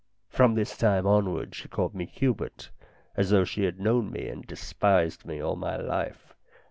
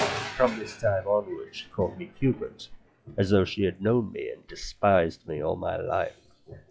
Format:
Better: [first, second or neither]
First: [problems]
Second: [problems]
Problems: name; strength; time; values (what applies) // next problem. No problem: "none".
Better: first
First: none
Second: noise reduction (classical method log-MMSE)